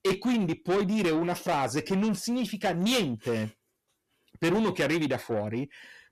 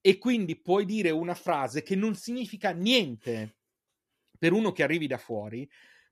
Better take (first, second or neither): second